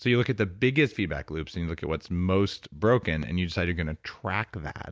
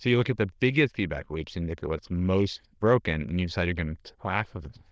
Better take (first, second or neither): first